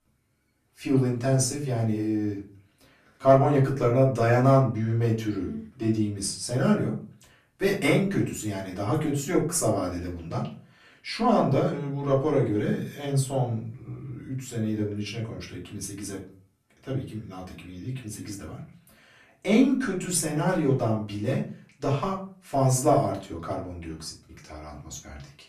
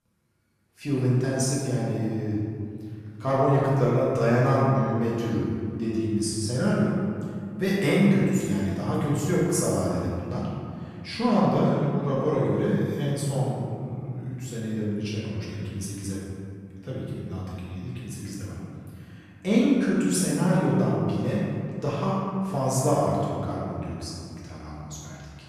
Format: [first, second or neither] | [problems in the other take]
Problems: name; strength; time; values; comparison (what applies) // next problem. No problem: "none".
first | room echo; strong; dies away in 2.3 s; slight in the first // off-mic speech; far; far in the first